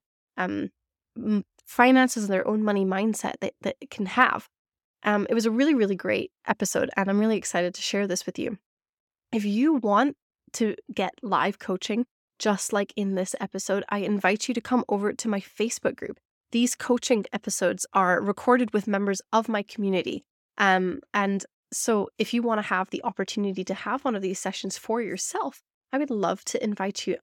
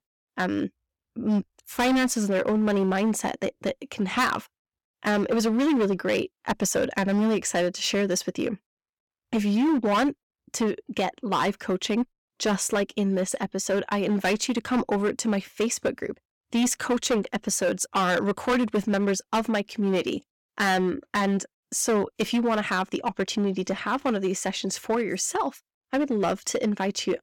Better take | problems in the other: first | distortion; heavy; 10% of the sound clipped

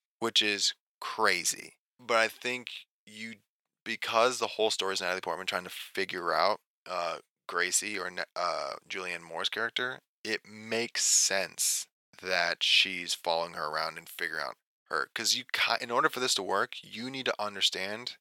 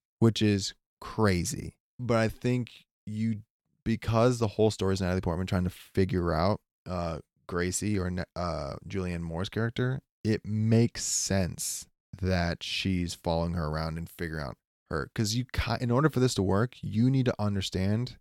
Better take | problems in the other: second | thin; very; fading below 700 Hz

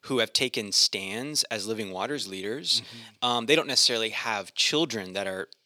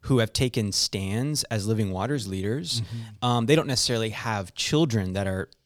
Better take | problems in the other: second | thin; somewhat; fading below 350 Hz

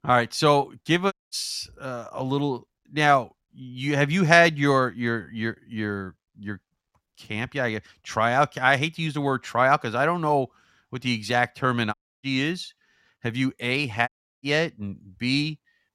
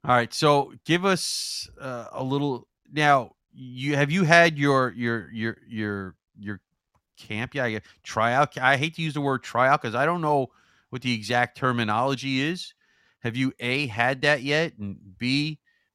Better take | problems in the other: second | audio cutting out; at 1 s, at 12 s and at 14 s

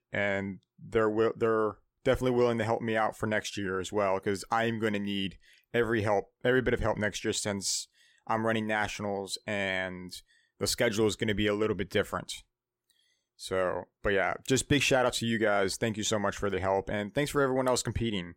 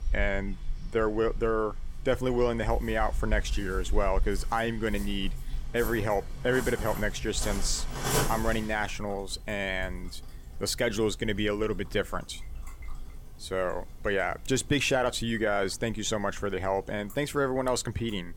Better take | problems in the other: first | rain or running water; loud; throughout; 9 dB below the speech

